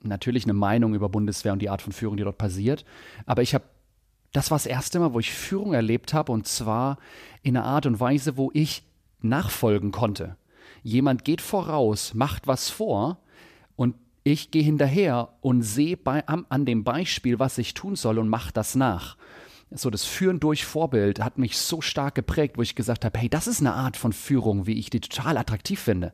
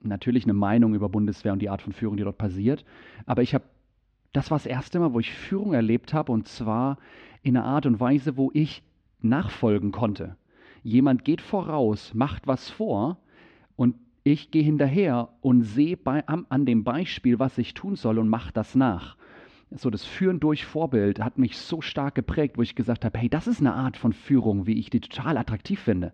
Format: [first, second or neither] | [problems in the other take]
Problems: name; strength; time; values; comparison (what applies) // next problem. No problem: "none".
first | muffled; slightly; fading above 3.5 kHz